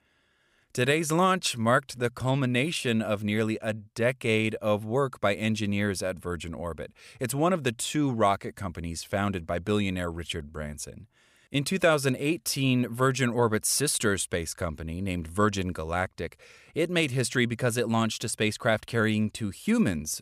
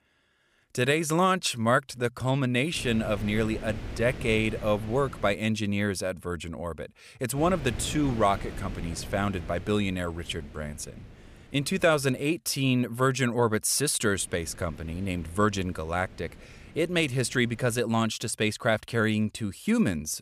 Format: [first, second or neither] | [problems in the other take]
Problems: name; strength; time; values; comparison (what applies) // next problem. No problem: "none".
first | wind noise on the microphone; occasional gusts; from 3 to 5.5 s, from 7.5 to 12 s and from 14 to 18 s; 20 dB below the speech